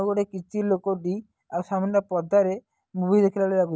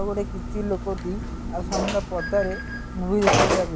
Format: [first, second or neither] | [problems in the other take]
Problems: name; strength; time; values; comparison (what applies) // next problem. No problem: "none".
first | background sound (Telephone); 1 dB above the speech